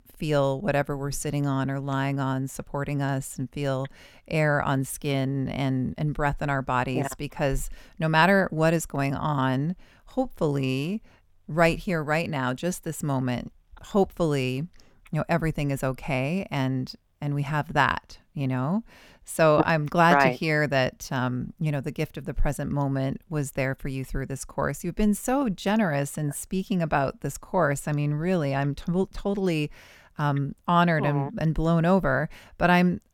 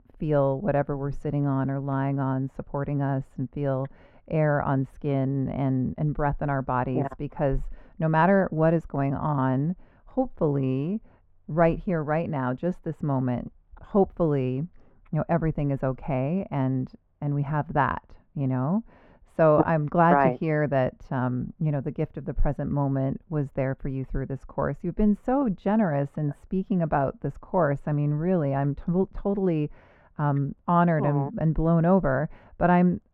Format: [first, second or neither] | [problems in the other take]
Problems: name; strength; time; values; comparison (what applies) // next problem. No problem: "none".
first | muffled; very; fading above 3 kHz